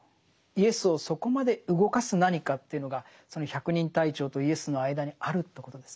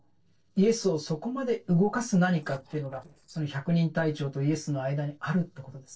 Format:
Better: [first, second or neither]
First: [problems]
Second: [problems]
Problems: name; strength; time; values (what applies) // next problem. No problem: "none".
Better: first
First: none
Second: noise reduction (neural separator model SepFormer DNS4)